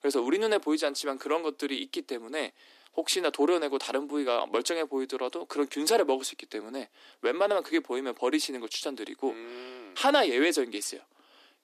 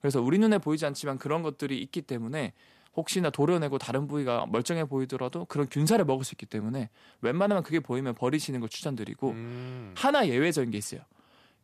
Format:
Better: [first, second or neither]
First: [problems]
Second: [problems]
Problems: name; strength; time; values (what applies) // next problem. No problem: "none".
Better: second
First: thin; somewhat; fading below 300 Hz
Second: none